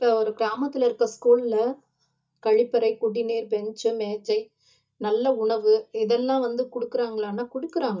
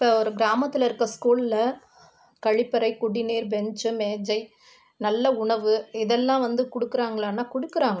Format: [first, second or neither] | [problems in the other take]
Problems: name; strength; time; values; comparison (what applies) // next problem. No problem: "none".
second | noise reduction (neural mask model DeepFilterNet 3)